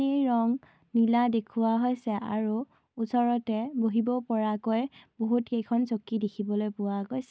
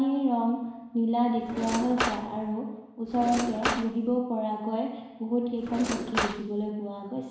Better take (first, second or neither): first